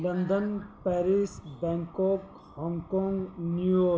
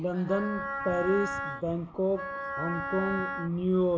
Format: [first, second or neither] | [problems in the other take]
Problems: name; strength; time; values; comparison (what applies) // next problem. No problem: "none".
first | background sound (Wind instrument, woodwind instrument); 6 dB below the speech